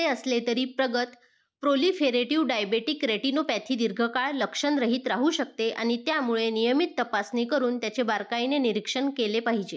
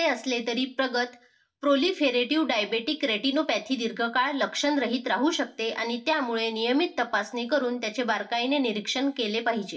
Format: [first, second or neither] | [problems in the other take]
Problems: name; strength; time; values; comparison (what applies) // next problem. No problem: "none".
first | room echo; dies away in 0.2 s